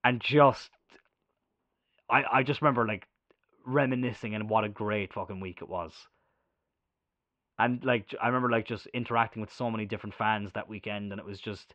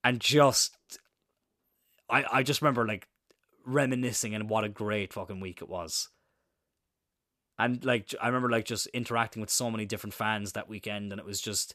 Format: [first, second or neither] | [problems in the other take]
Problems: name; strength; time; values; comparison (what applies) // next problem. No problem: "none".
second | muffled; very; fading above 3 kHz